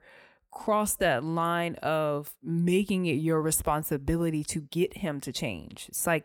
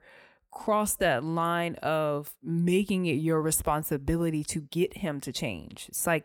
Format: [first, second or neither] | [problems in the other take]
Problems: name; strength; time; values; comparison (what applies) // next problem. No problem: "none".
neither | none